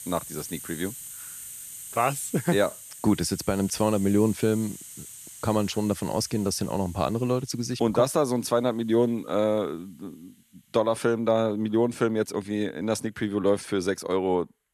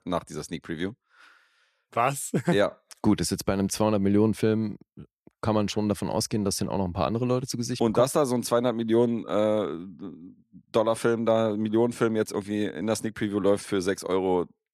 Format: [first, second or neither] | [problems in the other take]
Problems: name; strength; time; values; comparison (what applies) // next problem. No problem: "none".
second | hiss; noticeable; throughout; 15 dB below the speech